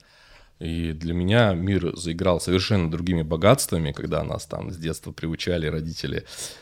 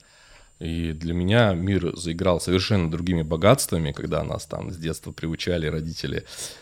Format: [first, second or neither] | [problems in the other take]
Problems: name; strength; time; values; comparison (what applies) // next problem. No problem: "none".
first | high-pitched whine; faint; throughout; 7 kHz, 35 dB below the speech